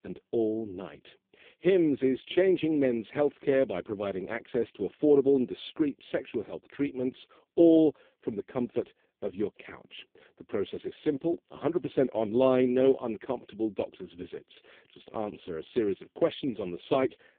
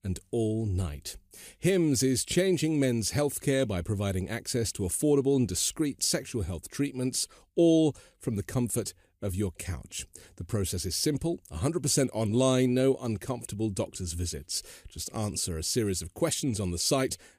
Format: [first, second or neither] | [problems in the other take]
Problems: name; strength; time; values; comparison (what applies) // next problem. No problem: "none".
second | phone-call audio; poor line; nothing above 3.5 kHz